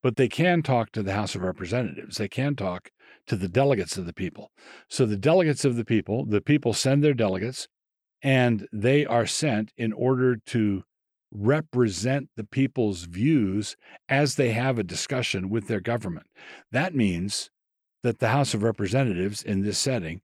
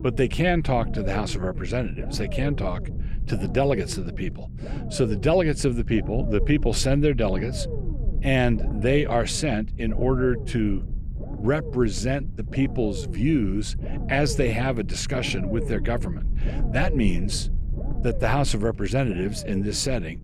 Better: first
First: none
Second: low rumble; noticeable; throughout; 15 dB below the speech

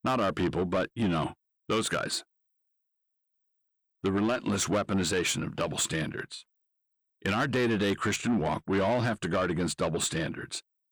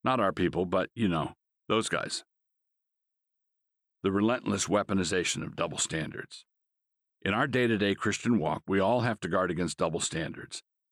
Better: second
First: distortion; slight; 10 dB below the speech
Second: none

